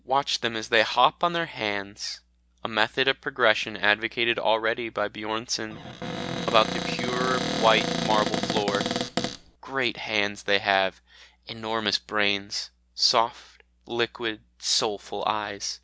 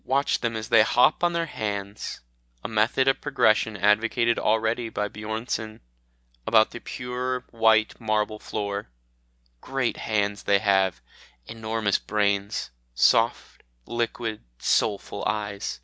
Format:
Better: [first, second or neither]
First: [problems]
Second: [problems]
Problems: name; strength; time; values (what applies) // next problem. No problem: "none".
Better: second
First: background sound (Cupboard open or close); 2 dB below the speech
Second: none